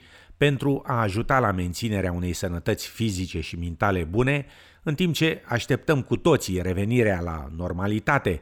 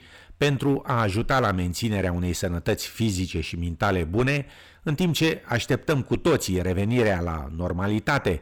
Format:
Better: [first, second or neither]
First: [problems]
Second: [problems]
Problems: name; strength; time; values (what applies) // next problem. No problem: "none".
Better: first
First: none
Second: distortion; slight; 6% of the sound clipped